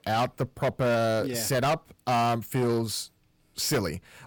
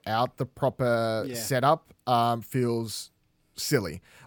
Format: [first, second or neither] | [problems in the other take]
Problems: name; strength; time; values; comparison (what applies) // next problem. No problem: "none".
second | distortion; heavy; 16% of the sound clipped